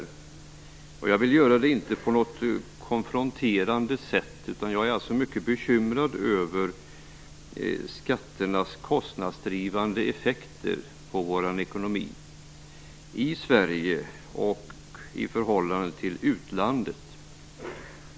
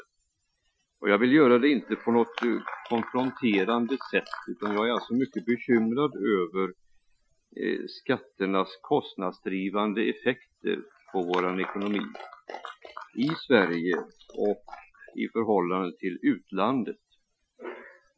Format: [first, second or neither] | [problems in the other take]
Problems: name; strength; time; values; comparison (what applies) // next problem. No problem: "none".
first | noise reduction (classical method Wiener filter)